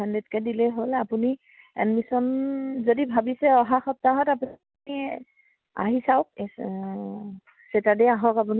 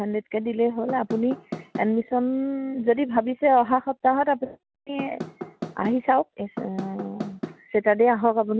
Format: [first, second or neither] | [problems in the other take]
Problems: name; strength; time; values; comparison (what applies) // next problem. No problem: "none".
first | background sound (Knock / Wood); 11 dB below the speech